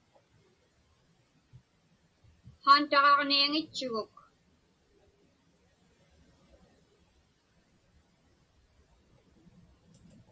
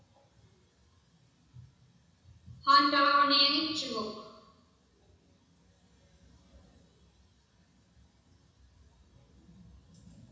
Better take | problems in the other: first | room echo; dies away in 1.1 s

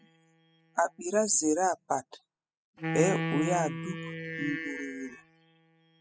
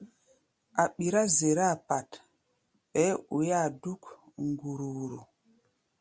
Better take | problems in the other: second | noise reduction (classical method spectral subtraction)

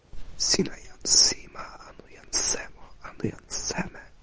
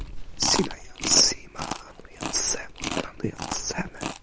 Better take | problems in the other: first | background sound (Chewing, mastication); 6 dB below the speech

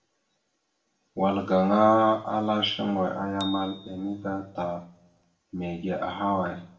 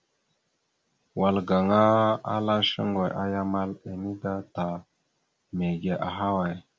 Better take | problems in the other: second | background sound (Bicycle bell); 18 dB below the speech // room echo; dies away in 0.5 s

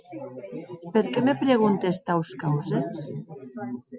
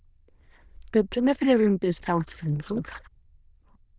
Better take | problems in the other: first | noise reduction (neural diffusion model UNIVERSE++)

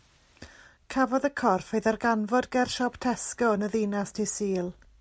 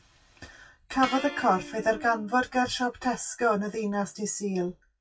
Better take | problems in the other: first | noise reduction (classical method WPE with log-MMSE)

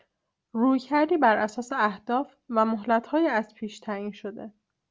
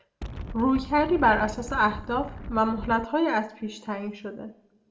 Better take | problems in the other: first | background sound (Wind); 11 dB below the speech // room echo; dies away in 0.5 s

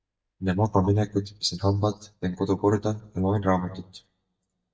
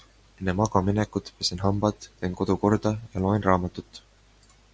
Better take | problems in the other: second | noise reduction (neural mask model DeepFilterNet 3)

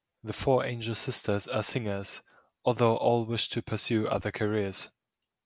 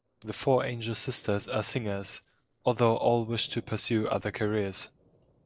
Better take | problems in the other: first | noise reduction (neural separator model SepFormer DNS4)

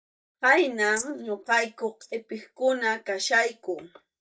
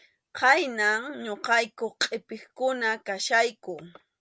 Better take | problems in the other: second | noise reduction (neural mask model DeepFilterNet 3)

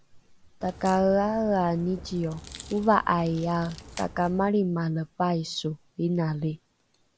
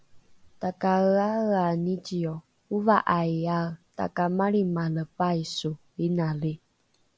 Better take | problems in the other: second | background sound (Crack); 17 dB below the speech

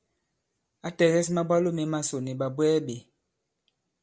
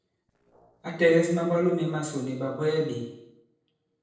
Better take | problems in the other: first | noise reduction (neural separator model SepFormer DNS4)

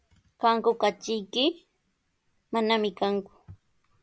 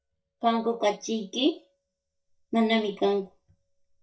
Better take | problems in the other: first | noise reduction (neural mask model DeepFilterNet 3)

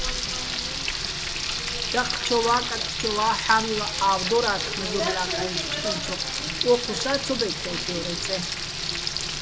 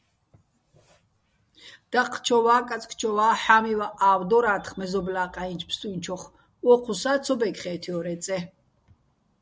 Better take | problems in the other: second | background sound (Frying (food)); 1 dB below the speech

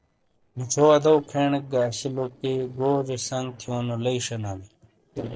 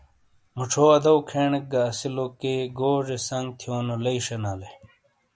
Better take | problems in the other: second | noise reduction (neural separator model SepFormer DNS4)

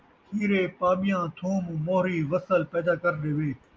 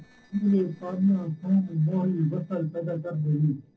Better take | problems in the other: first | noise reduction (neural separator model SepFormer DNS4)

